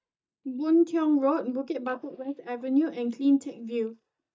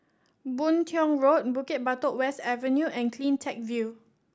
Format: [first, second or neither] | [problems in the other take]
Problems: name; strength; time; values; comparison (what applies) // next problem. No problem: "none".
second | noise reduction (neural mask model DeepFilterNet 3)